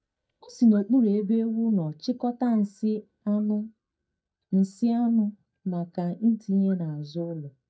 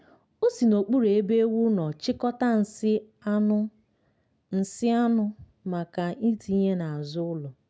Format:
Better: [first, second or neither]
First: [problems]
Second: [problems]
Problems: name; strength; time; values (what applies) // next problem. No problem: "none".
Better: second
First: noise reduction (neural mask model DeepFilterNet 3)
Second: none